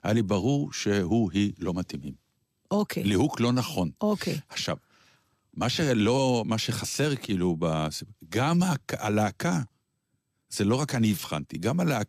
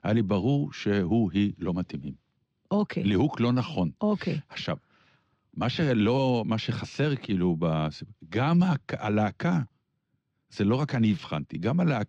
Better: first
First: none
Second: muffled; slightly; fading above 3.5 kHz

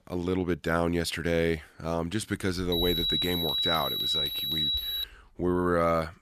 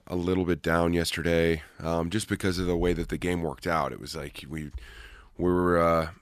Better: second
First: alarm; loud; from 2.5 to 5 s; peak 4 dB above the speech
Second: none

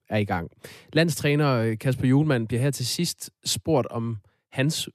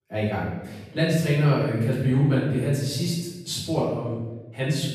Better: first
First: none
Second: off-mic speech; far // room echo; noticeable; dies away in 1 s

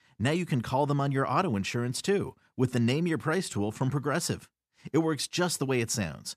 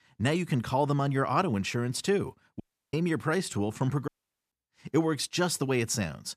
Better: first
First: none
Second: audio cutting out; at 2.5 s and at 4 s

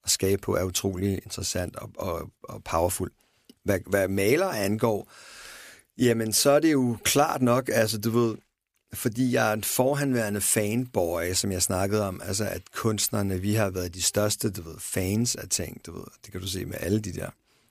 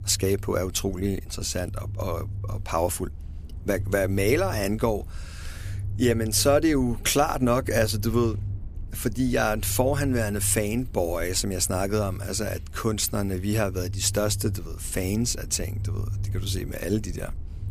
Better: first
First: none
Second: low rumble; faint; throughout; 25 dB below the speech

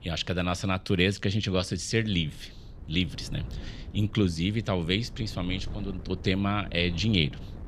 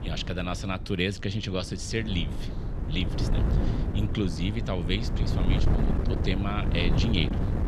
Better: first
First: wind noise on the microphone; occasional gusts; 20 dB below the speech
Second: wind noise on the microphone; heavy; 5 dB below the speech

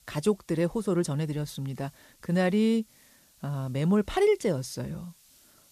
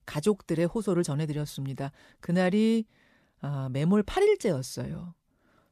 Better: second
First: hiss; faint; throughout; 30 dB below the speech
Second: none

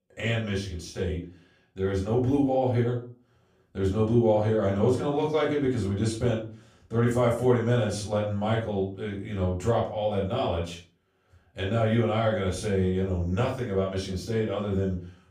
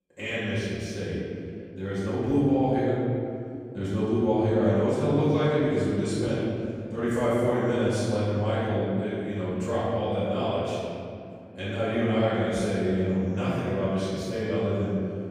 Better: first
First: room echo; slight; dies away in 0.3 s // off-mic speech; far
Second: room echo; strong; dies away in 2.4 s // off-mic speech; far

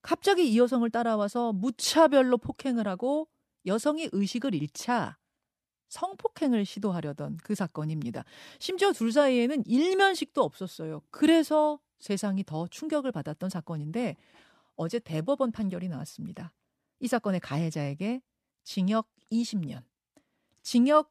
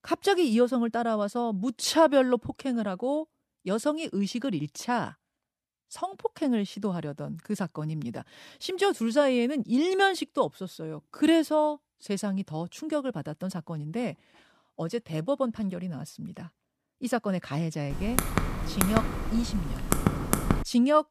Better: first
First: none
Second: keyboard typing; loud; from 18 s on; peak 1 dB above the speech

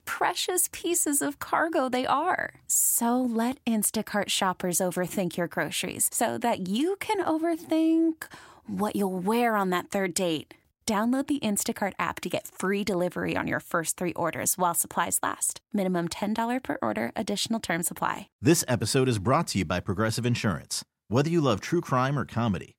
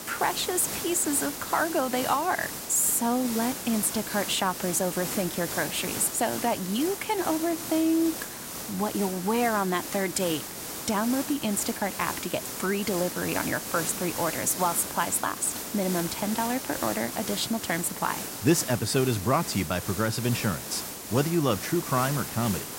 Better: first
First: none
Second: hiss; loud; throughout; 6 dB below the speech

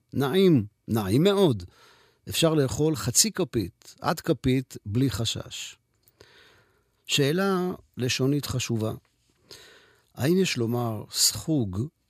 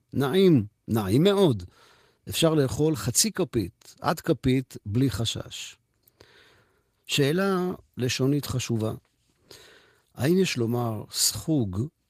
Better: first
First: none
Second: garbled, watery; slightly; nothing above 15 kHz

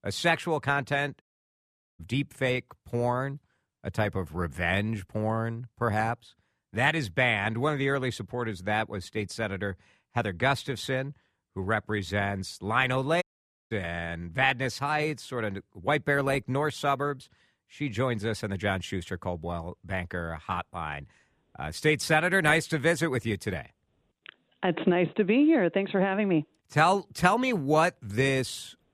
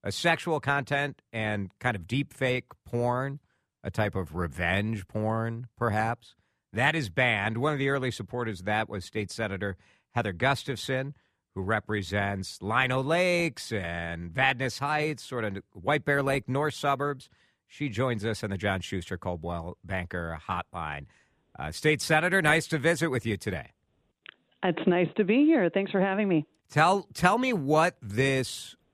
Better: second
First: audio cutting out; at 1 s for 1 s and at 13 s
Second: none

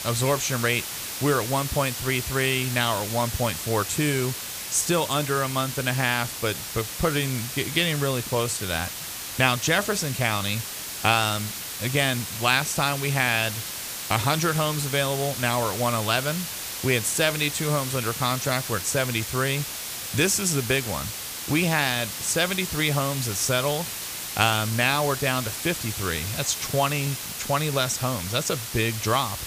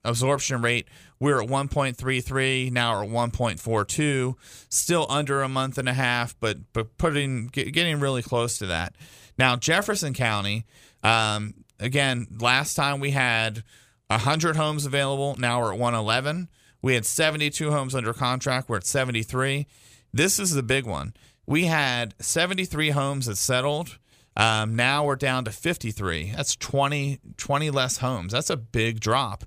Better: second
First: hiss; loud; throughout; 6 dB below the speech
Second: none

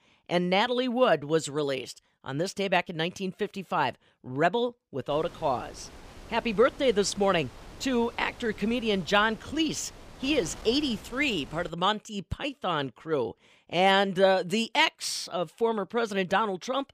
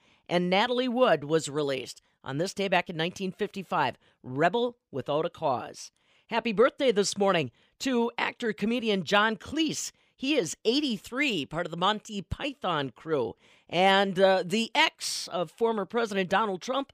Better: second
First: wind noise on the microphone; occasional gusts; from 5 to 12 s; 20 dB below the speech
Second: none

